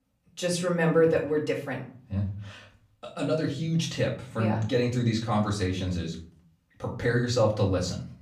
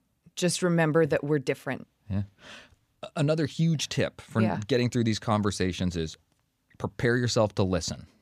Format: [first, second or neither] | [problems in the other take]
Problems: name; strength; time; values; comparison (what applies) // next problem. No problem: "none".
second | off-mic speech; far // room echo; slight; dies away in 0.4 s